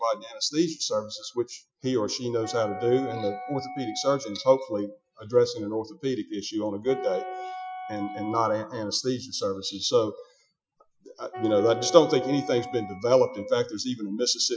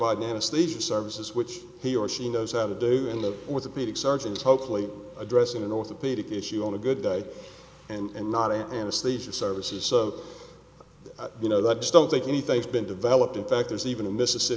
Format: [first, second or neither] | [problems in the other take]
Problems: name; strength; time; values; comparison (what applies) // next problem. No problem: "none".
second | noise reduction (classical method Wiener filter)